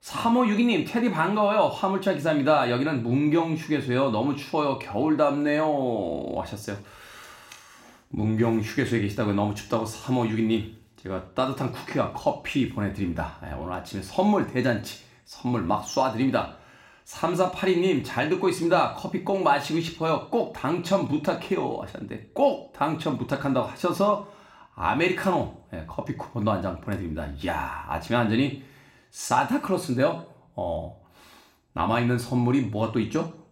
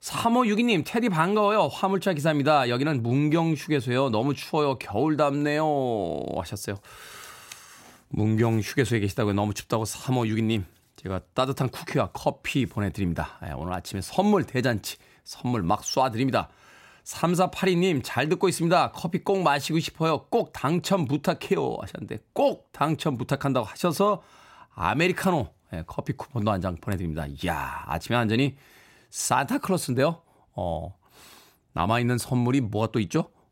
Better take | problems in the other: second | room echo; very slight; dies away in 0.4 s // off-mic speech; somewhat distant

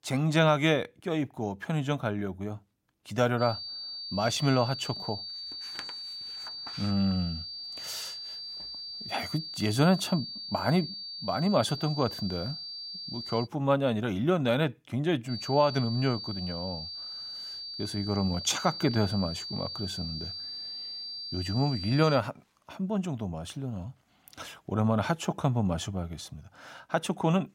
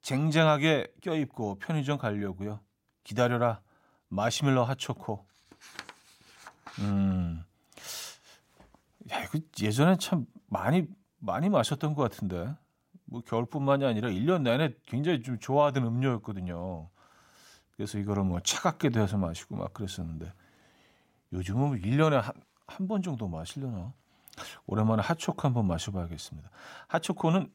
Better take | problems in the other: second | high-pitched whine; loud; from 3.5 to 13 s and from 15 to 22 s; 4.5 kHz, 7 dB below the speech

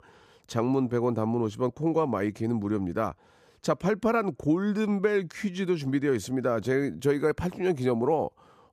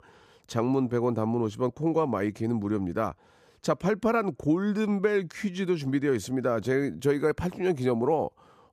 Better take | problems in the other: neither | none

